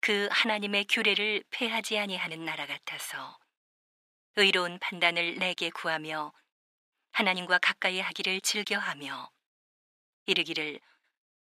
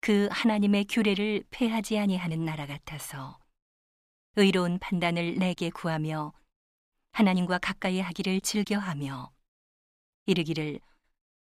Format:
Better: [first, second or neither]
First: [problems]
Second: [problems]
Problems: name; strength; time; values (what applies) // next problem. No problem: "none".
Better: second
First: thin; very; fading below 400 Hz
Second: none